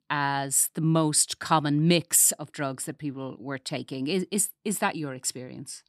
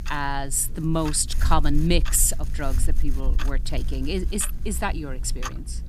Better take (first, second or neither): first